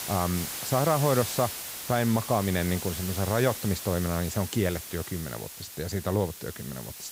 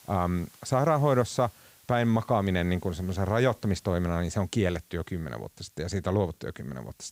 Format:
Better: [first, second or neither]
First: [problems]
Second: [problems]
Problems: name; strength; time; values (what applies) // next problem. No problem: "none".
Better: second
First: hiss; loud; throughout; 7 dB below the speech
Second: hiss; faint; throughout; 25 dB below the speech